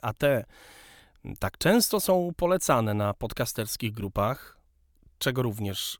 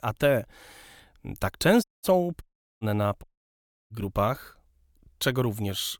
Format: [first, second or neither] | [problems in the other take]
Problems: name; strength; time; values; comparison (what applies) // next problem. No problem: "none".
first | audio cutting out; at 2 s, at 2.5 s and at 3 s for 0.5 s